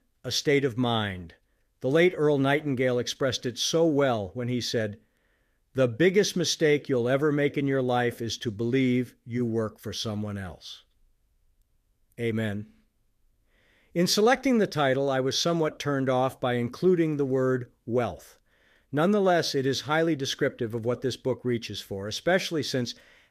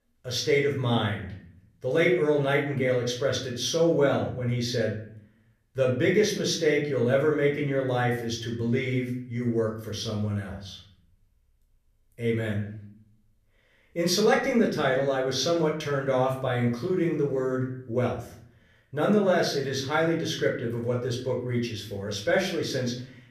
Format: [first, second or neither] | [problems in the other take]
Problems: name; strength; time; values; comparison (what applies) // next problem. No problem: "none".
first | off-mic speech; far // room echo; slight; dies away in 0.5 s